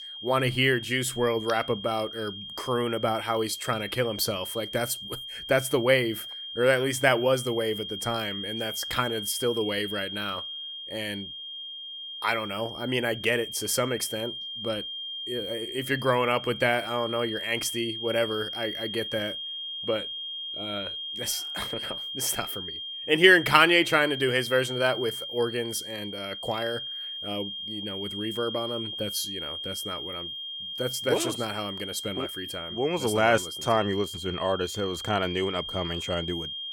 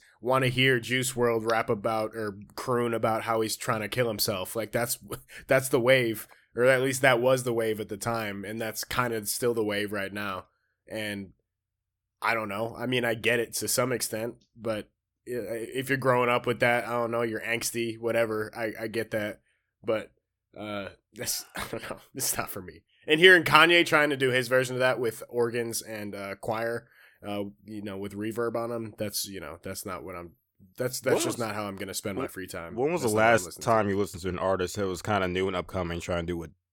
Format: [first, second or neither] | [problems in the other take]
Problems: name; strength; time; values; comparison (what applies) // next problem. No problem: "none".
second | high-pitched whine; loud; throughout; 3 kHz, 7 dB below the speech